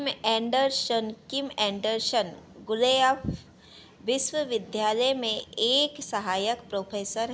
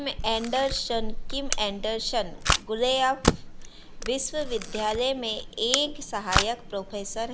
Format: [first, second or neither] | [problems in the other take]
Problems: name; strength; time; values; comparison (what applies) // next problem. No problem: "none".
first | background sound (Camera); 2 dB below the speech